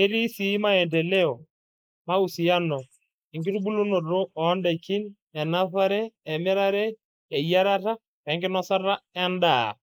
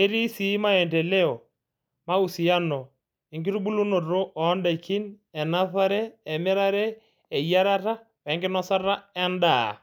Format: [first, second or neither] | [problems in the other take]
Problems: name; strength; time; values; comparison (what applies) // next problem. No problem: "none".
second | noise reduction (neural mask model Resemble Enhance denoiser)